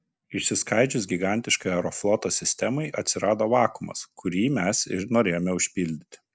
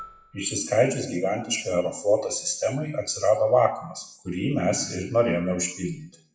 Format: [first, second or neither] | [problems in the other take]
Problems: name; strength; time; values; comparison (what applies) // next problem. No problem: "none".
first | noise reduction (classical method WPE with log-MMSE)